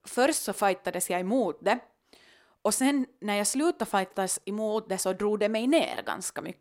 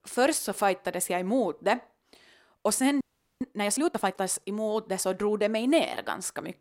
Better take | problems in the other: first | audio freezing; at 3 s

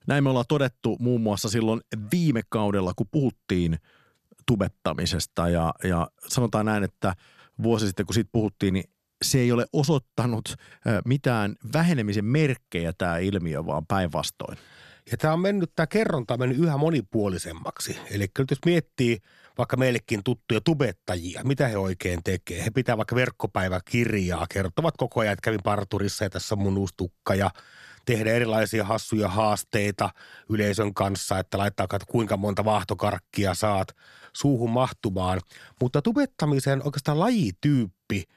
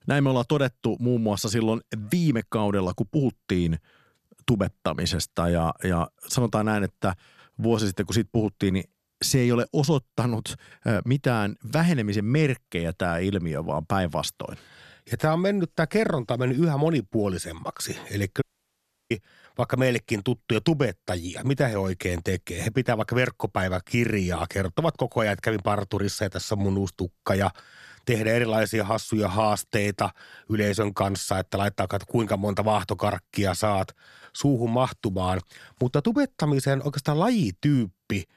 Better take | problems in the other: first | audio cutting out; at 18 s for 0.5 s

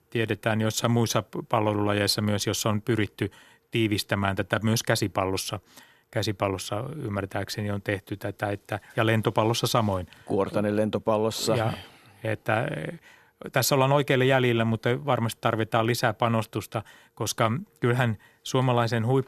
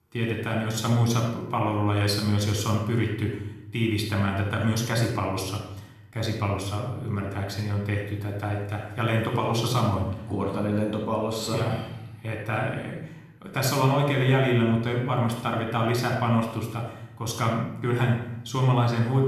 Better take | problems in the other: first | off-mic speech; somewhat distant // room echo; noticeable; dies away in 0.8 s

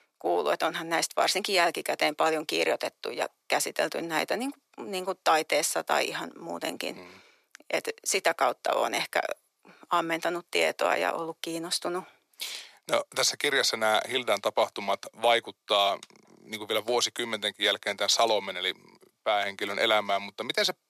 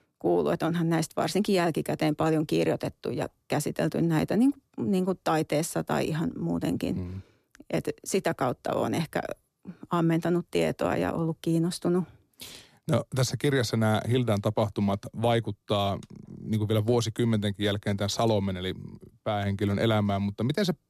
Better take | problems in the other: second | thin; very; fading below 700 Hz

